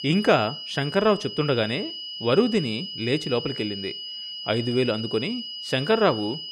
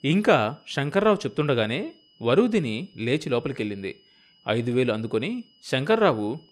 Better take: second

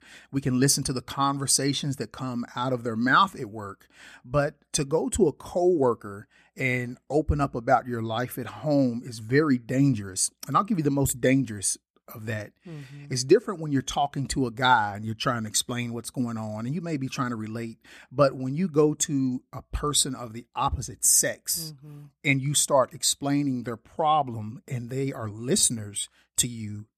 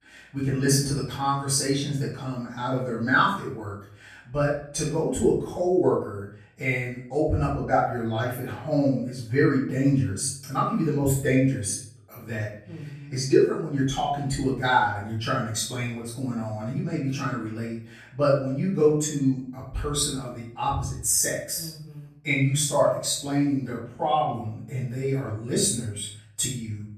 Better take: first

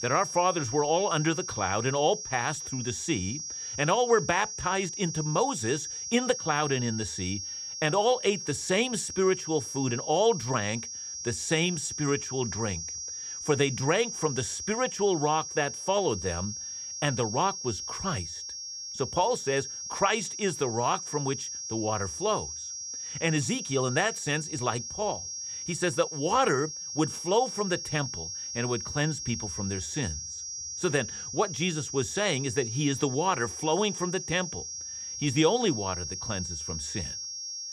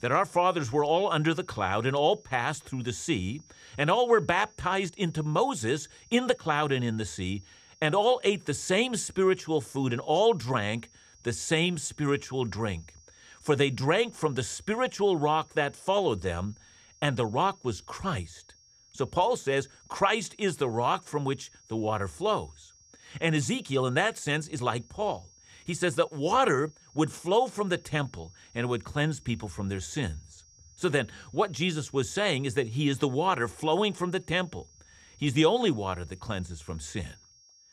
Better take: second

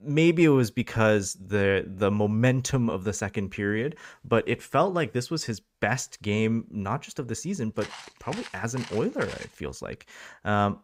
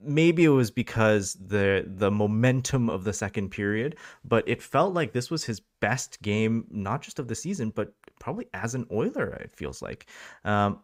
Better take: second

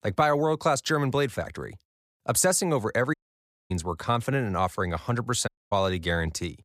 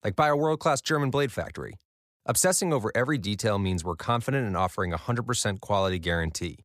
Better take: second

